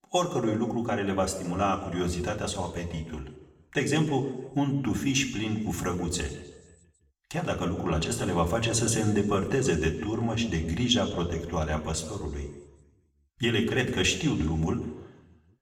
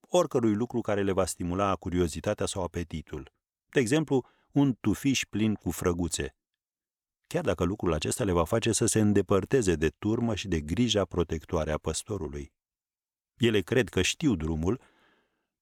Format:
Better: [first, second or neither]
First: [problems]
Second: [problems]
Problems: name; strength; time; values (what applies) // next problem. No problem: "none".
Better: second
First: room echo; slight; dies away in 1.1 s // off-mic speech; somewhat distant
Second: none